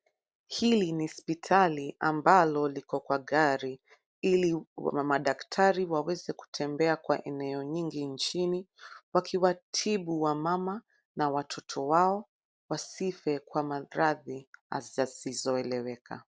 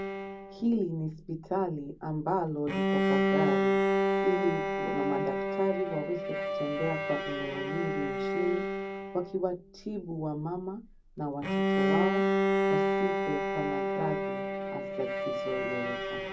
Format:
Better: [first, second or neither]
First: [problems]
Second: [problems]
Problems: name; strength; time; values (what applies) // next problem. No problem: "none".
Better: first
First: none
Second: background sound (Bowed string instrument); 3 dB above the speech // room echo; dies away in 0.4 s